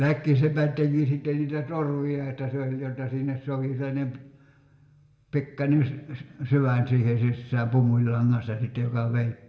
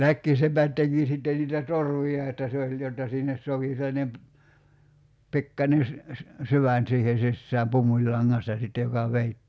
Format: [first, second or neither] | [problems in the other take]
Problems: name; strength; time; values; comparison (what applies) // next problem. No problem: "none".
second | room echo; dies away in 0.7 s